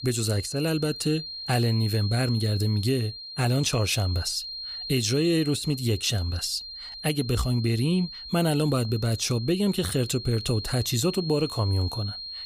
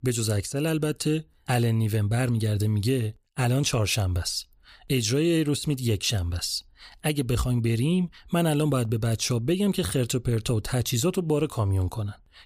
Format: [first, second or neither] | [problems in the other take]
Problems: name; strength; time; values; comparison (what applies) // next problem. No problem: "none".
second | high-pitched whine; loud; throughout; 4 kHz, 9 dB below the speech